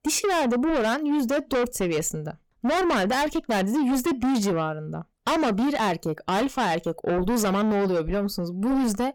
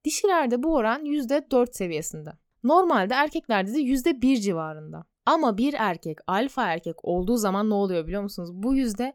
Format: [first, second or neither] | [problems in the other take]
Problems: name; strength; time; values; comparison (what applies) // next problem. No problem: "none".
second | distortion; heavy; 6 dB below the speech